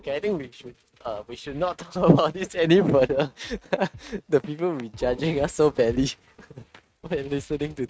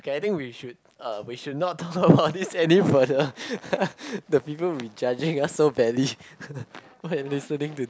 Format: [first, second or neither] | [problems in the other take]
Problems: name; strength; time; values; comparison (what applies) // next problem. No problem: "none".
second | noise reduction (neural mask model RNNoise)